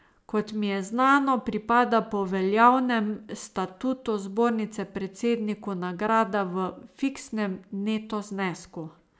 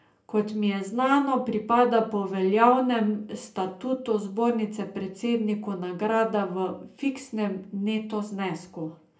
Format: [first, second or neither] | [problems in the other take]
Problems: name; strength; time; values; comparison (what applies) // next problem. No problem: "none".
first | room echo; dies away in 0.3 s